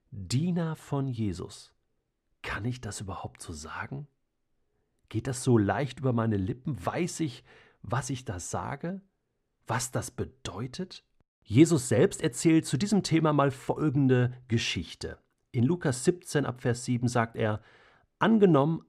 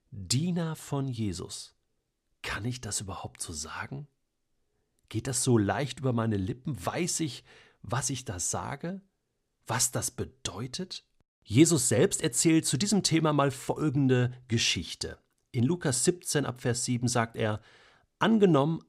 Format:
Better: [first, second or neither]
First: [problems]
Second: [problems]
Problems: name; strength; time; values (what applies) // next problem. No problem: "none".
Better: second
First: muffled; slightly; fading above 3 kHz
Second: none